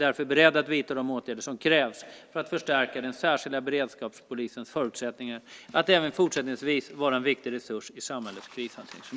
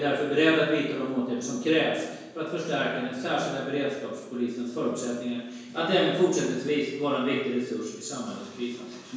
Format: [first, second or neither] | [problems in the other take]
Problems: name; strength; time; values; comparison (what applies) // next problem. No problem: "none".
first | room echo; dies away in 1 s